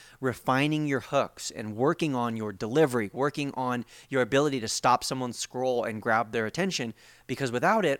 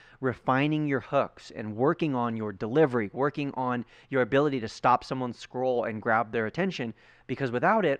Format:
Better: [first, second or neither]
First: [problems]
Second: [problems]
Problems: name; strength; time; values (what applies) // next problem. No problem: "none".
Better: first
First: none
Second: muffled; slightly; fading above 2.5 kHz